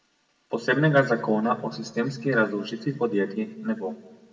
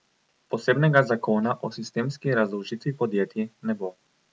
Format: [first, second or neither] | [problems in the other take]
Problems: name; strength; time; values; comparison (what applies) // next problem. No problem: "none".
second | room echo; dies away in 1.3 s